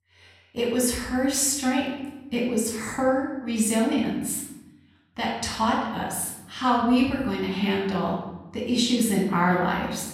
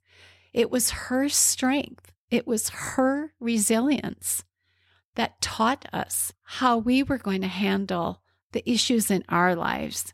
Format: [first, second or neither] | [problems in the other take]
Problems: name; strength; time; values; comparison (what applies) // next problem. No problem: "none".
second | off-mic speech; far // room echo; noticeable; dies away in 0.9 s